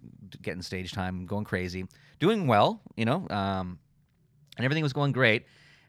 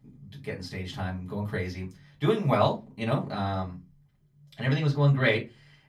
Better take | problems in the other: first | off-mic speech; far // room echo; very slight; dies away in 0.2 s

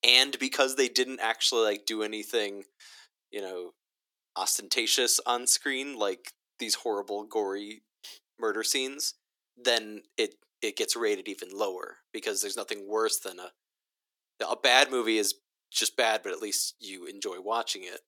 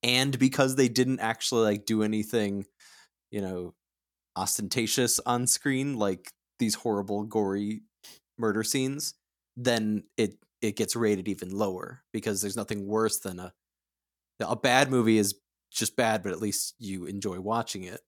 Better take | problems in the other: second | thin; somewhat; fading below 350 Hz

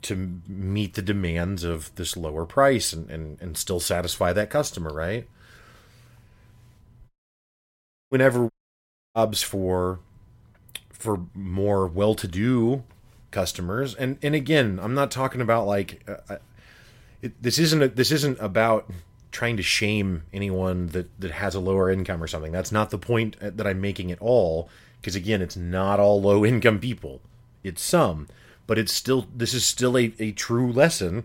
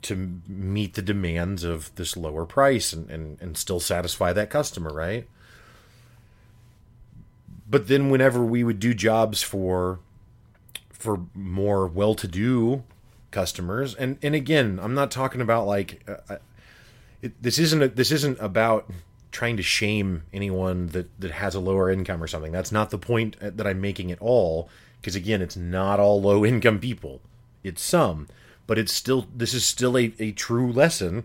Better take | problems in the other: second | audio cutting out; at 7 s for 1 s and at 8.5 s for 0.5 s

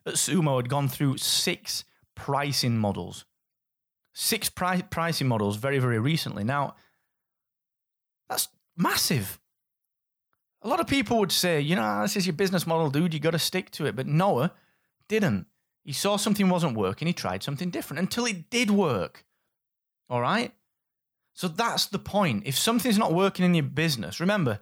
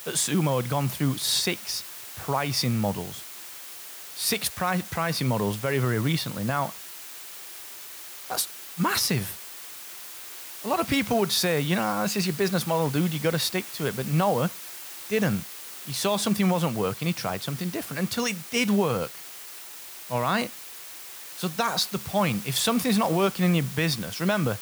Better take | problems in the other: first | hiss; noticeable; throughout; 10 dB below the speech

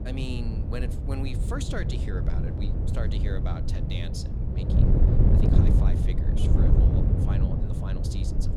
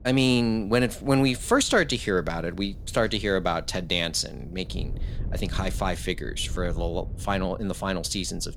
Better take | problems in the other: second | wind noise on the microphone; heavy; 3 dB above the speech; occasional gusts in the second

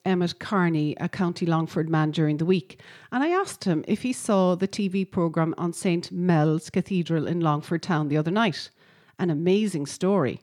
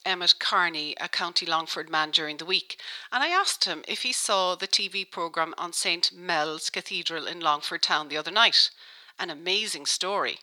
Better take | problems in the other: first | thin; very; fading below 950 Hz

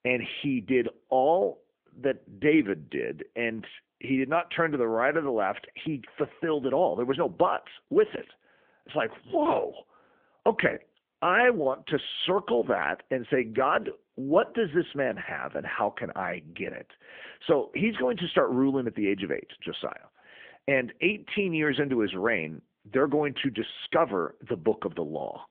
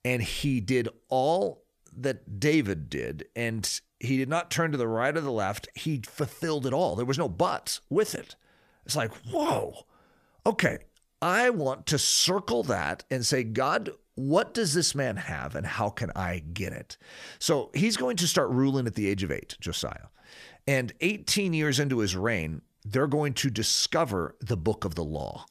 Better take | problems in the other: second | phone-call audio; nothing above 3.5 kHz

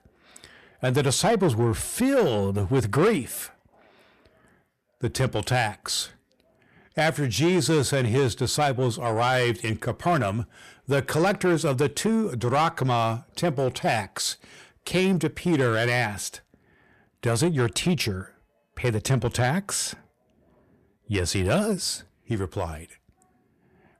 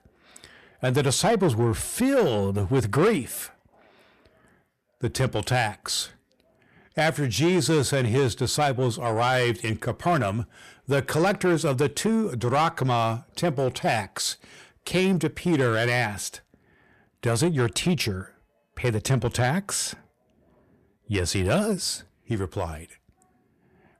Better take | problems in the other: neither | distortion; slight; 10 dB below the speech; the same in both

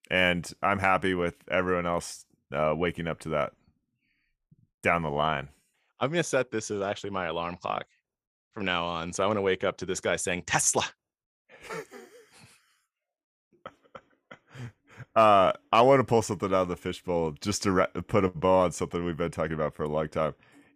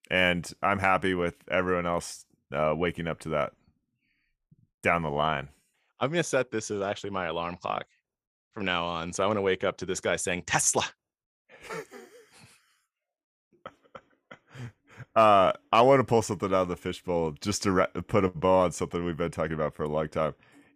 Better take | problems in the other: neither | none

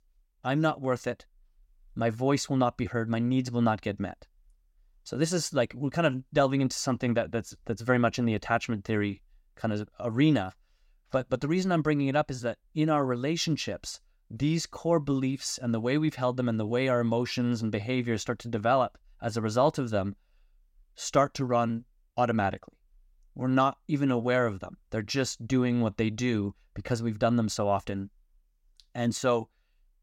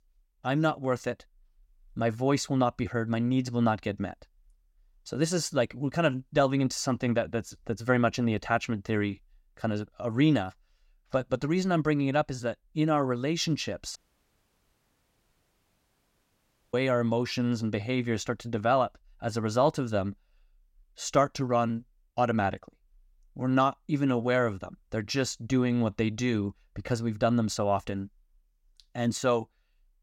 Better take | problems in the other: first | audio cutting out; at 14 s for 3 s

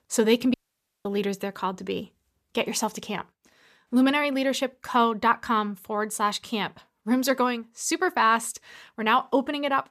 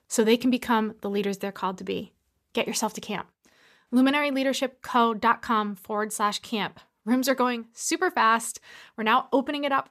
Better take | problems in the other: second | audio cutting out; at 0.5 s for 0.5 s

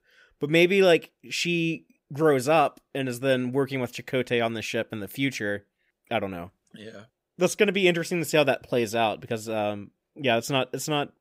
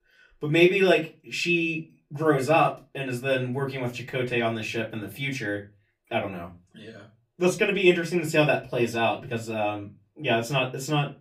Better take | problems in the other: first | off-mic speech; far // room echo; very slight; dies away in 0.3 s

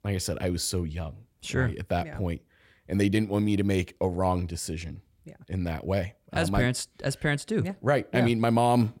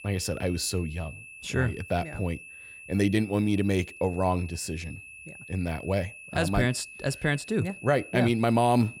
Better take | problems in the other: first | high-pitched whine; noticeable; throughout; 2.5 kHz, 15 dB below the speech

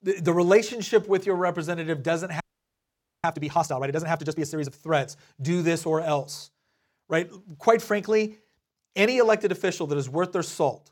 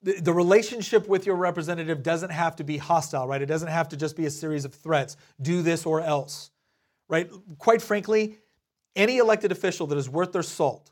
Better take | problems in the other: second | audio freezing; at 2.5 s for 1 s

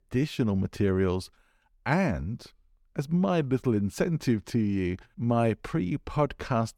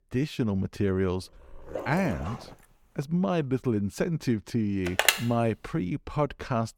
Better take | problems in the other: first | dog barking; noticeable; from 1.5 to 2.5 s; peak 8 dB below the speech // phone ringing; loud; at 5 s; peak 6 dB above the speech

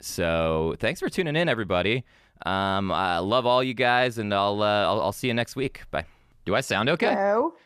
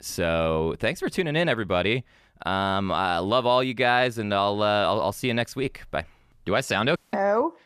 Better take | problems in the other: first | audio cutting out; at 7 s

